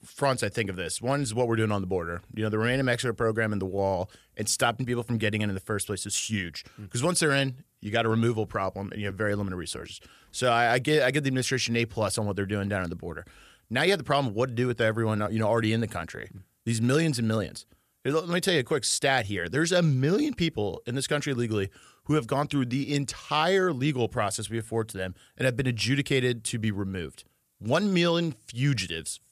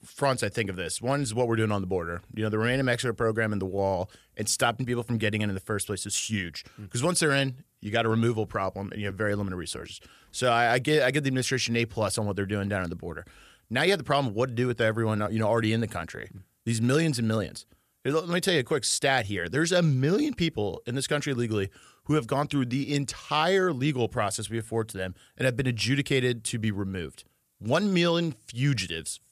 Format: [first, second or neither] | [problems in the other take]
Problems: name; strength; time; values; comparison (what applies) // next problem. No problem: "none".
neither | none